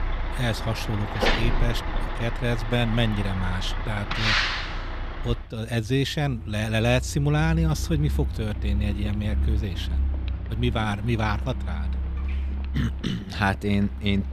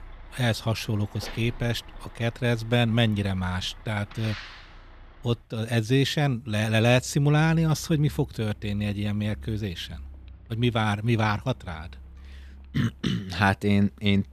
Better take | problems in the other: second | traffic noise; loud; throughout; 3 dB below the speech; faint in the second

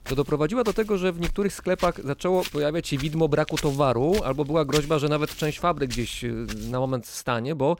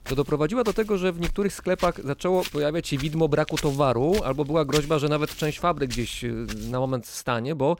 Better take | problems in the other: neither | footsteps; noticeable; until 7 s; peak 7 dB below the speech; the same in both

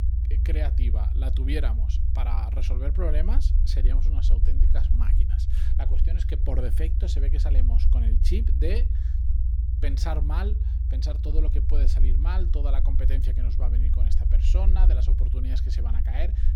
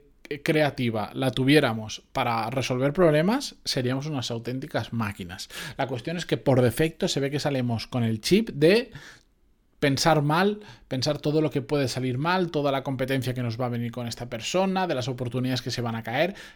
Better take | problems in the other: second | low rumble; loud; throughout; 5 dB below the speech

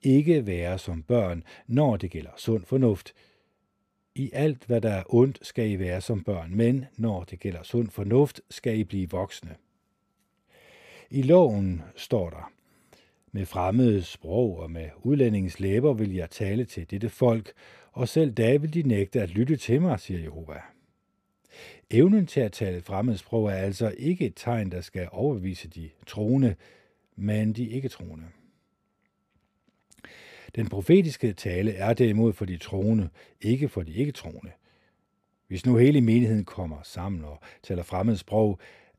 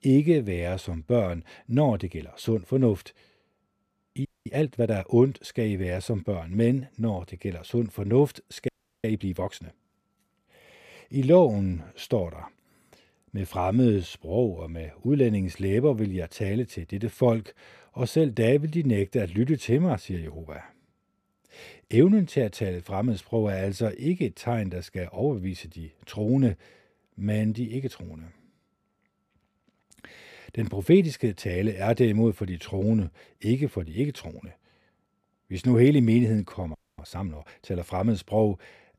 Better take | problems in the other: first | audio freezing; at 4.5 s, at 8.5 s and at 37 s

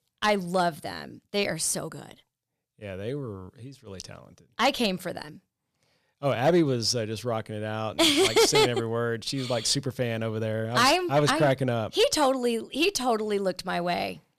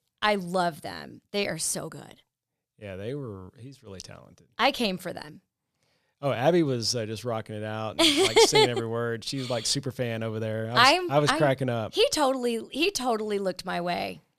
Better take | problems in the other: second | distortion; slight; 1.7% of the sound clipped

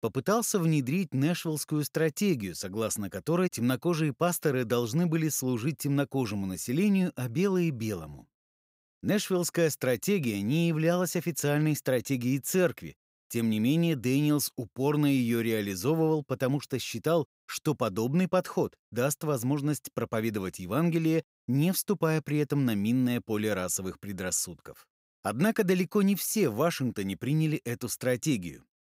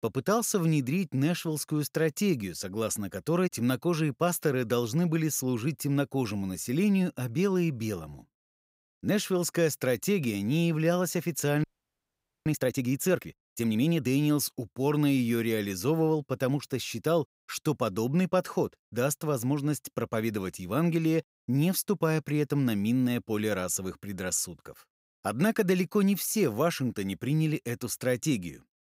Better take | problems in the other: first | audio freezing; at 12 s for 1 s

